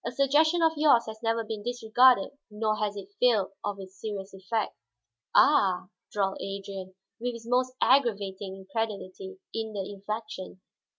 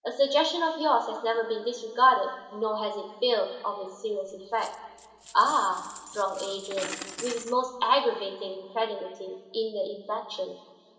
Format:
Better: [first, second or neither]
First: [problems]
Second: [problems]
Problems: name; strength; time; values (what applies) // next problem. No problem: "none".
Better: first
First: none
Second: background sound (Coin (dropping)); 14 dB below the speech // room echo; dies away in 2.9 s